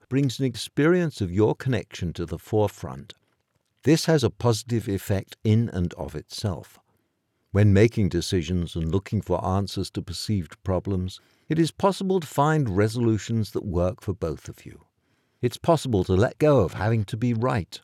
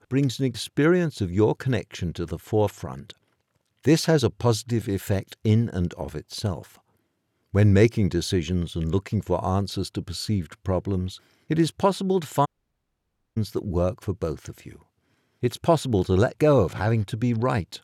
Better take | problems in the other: first | audio cutting out; at 12 s for 1 s

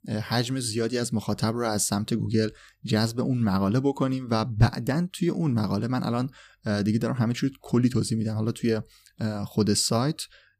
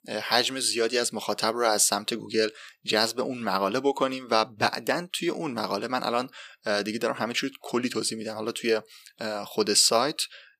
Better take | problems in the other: first | thin; very; fading below 500 Hz

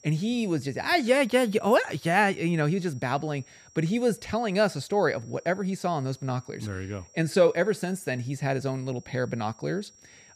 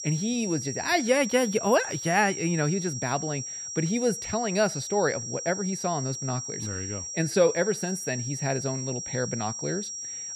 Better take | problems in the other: first | high-pitched whine; loud; throughout; 5.5 kHz, 6 dB below the speech; faint in the first

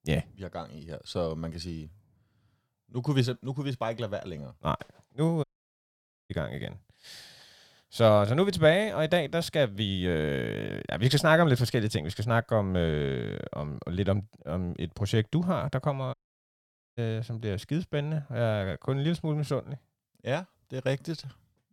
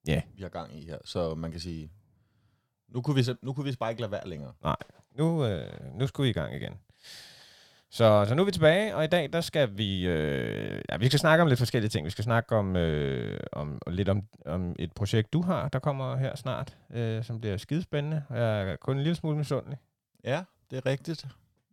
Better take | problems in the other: second | audio cutting out; at 5.5 s for 1 s and at 16 s for 1 s

